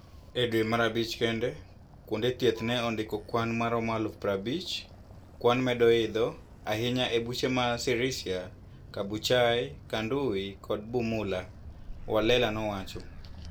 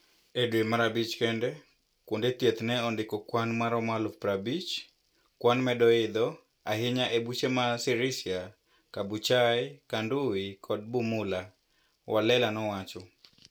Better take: second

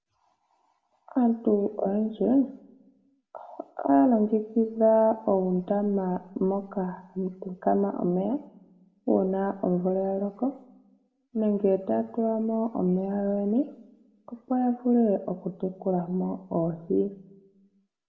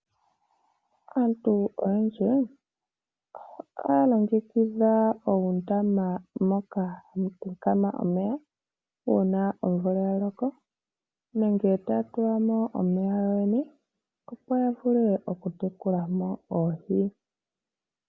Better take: second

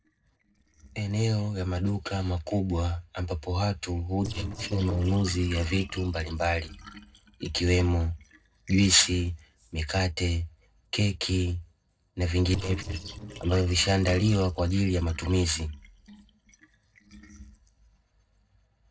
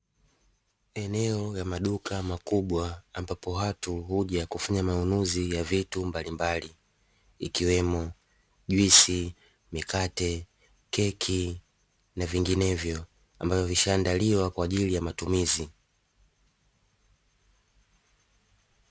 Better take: second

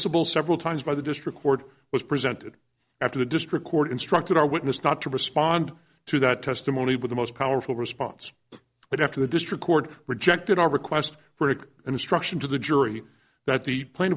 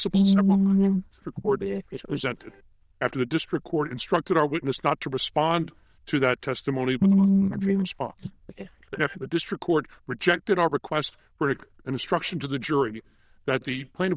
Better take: first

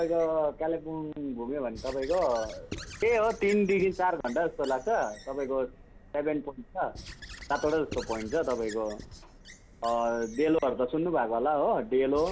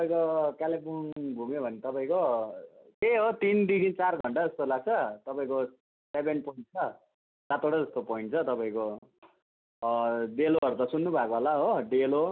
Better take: second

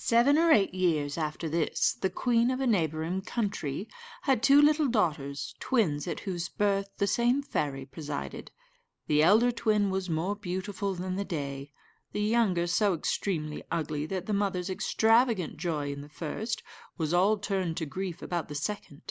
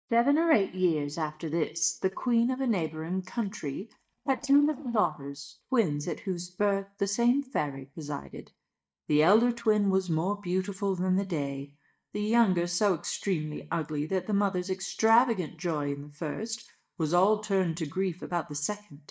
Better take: first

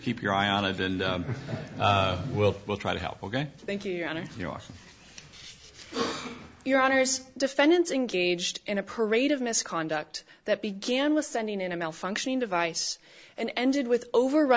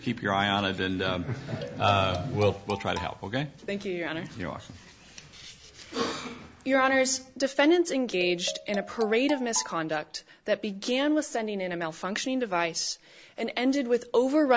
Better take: first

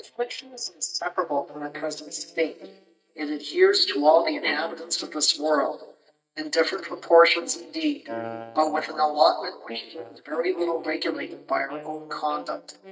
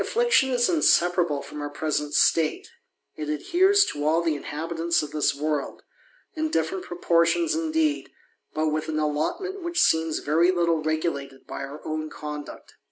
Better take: second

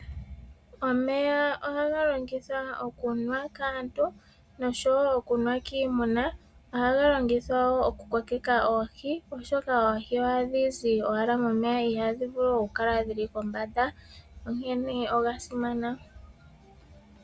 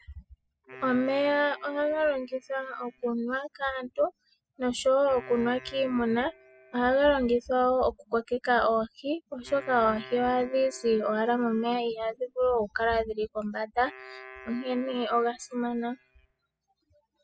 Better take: first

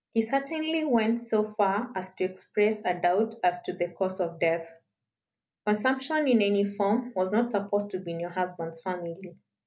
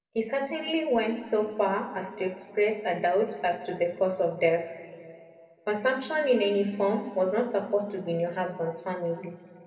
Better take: first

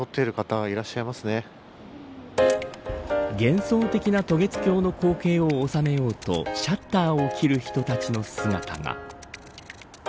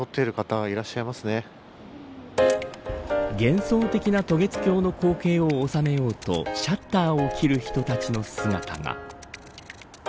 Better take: first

